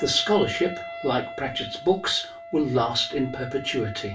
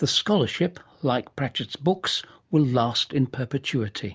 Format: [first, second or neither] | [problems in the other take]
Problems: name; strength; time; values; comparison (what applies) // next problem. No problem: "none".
second | background sound (Wind instrument, woodwind instrument); 12 dB below the speech // room echo; dies away in 0.3 s